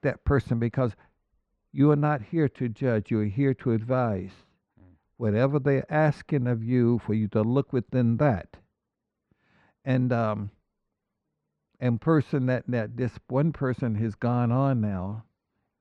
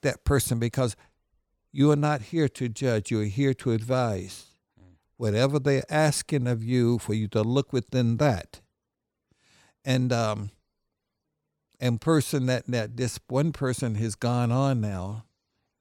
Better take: second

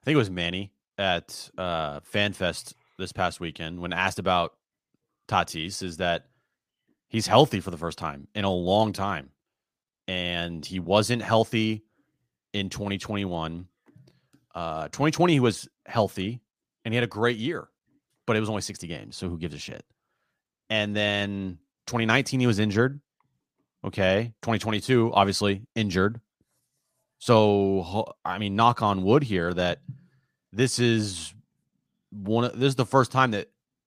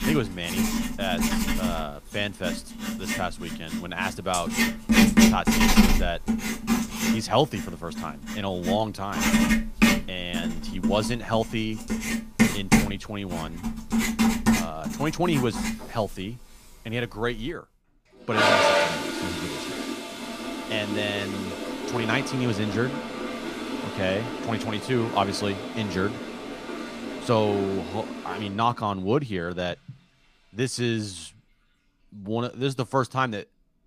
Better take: first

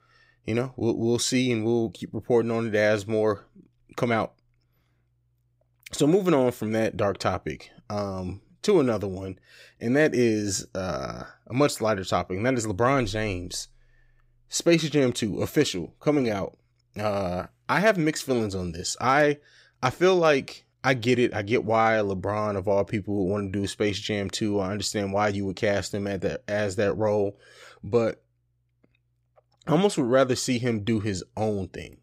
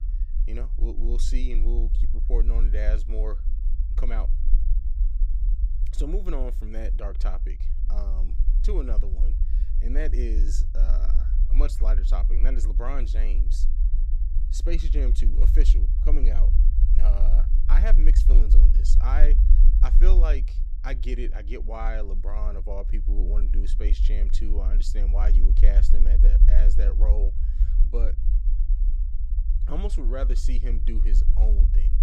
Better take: first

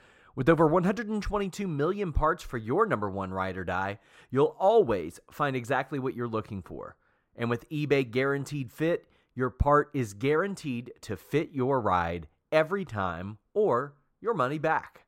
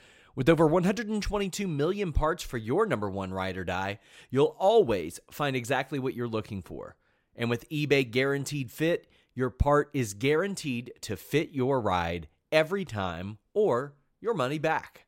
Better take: second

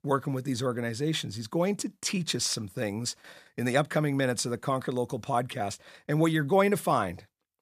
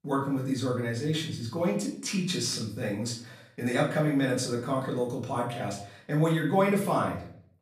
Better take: first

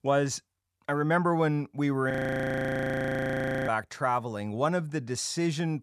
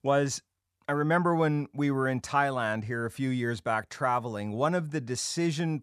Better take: second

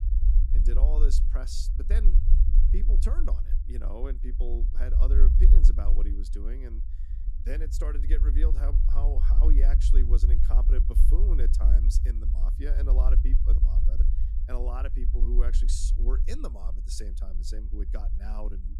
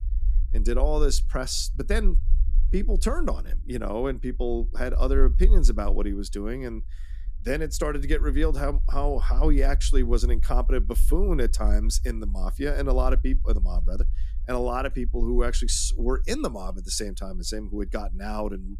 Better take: second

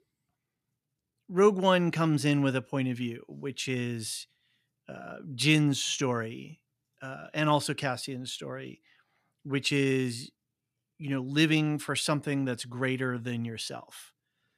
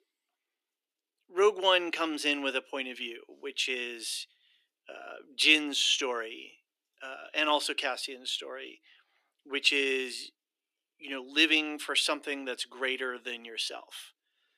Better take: first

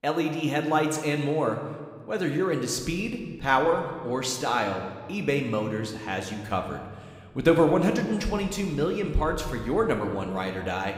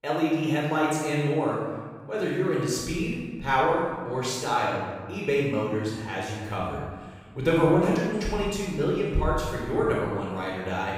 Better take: first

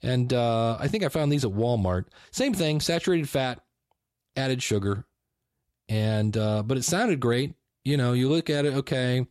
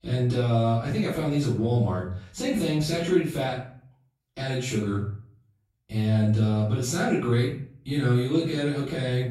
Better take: first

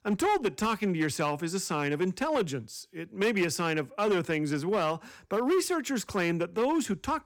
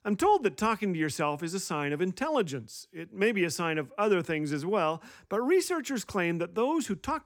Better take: second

